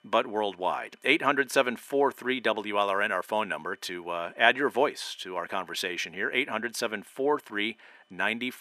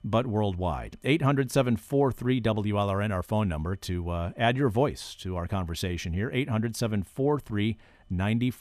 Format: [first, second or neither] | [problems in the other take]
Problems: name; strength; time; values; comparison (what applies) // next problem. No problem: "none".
second | thin; somewhat; fading below 350 Hz